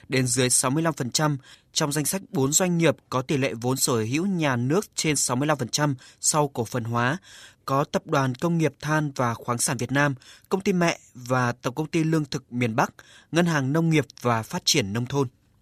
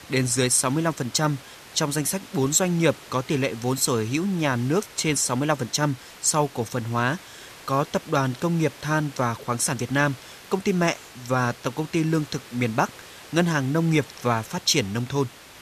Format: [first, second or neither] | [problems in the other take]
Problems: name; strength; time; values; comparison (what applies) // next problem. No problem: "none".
first | hiss; noticeable; throughout; 20 dB below the speech